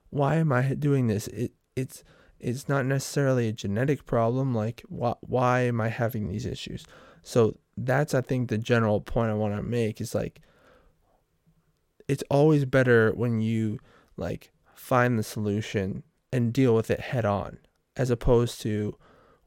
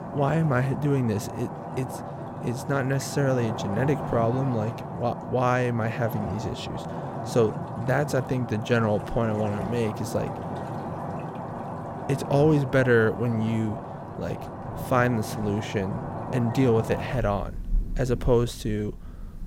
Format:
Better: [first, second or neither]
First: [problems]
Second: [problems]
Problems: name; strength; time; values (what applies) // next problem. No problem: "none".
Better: first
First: none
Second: rain or running water; loud; throughout; 8 dB below the speech